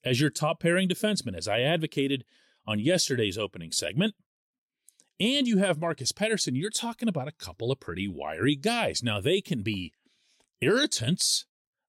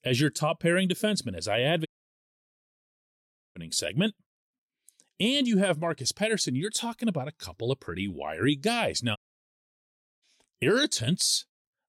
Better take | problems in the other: first | audio cutting out; at 2 s for 1.5 s and at 9 s for 1 s

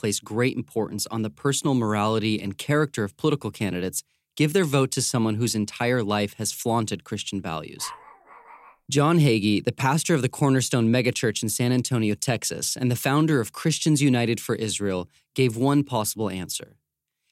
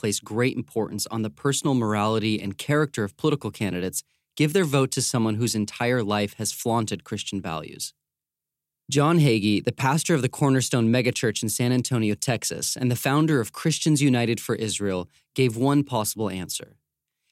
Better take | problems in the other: second | dog barking; faint; at 8 s; peak 15 dB below the speech

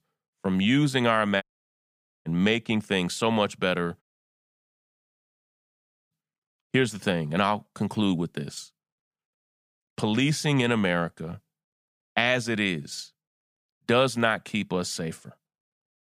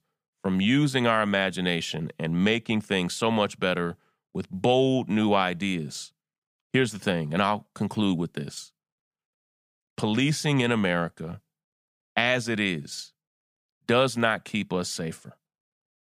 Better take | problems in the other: second | audio cutting out; at 1.5 s for 1 s and at 4 s for 2 s

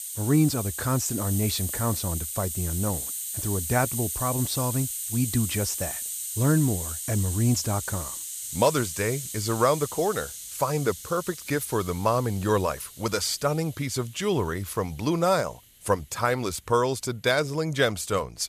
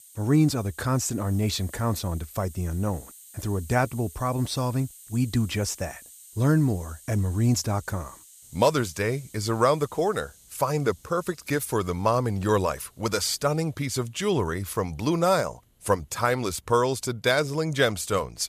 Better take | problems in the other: second | hiss; loud; throughout; 5 dB below the speech; faint in the second

